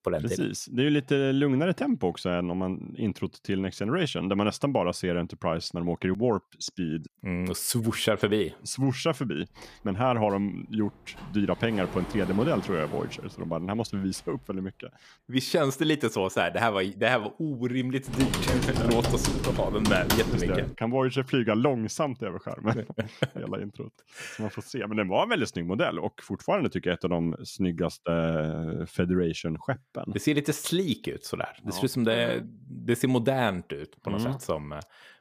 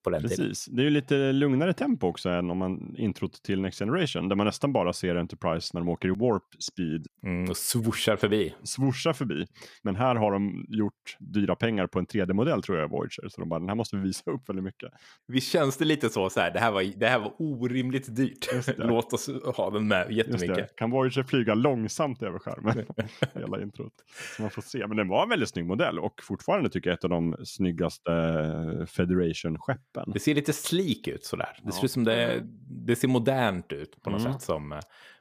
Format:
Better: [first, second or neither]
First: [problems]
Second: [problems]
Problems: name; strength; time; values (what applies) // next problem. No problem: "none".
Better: second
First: door banging; noticeable; from 9.5 to 14 s; peak 8 dB below the speech // keyboard typing; loud; from 18 to 21 s; peak 2 dB above the speech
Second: none